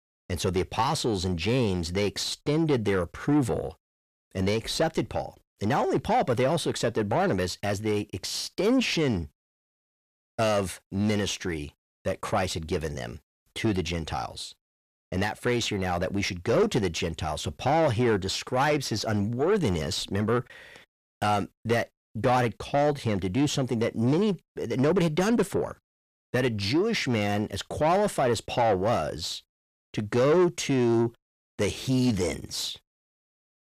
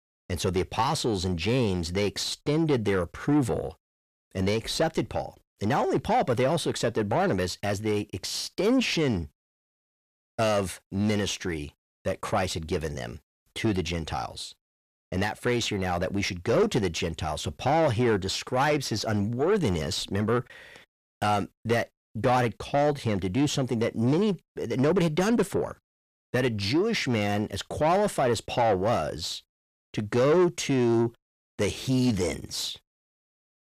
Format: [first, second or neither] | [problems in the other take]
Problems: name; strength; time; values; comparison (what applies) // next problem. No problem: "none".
neither | distortion; slight; 10 dB below the speech; the same in both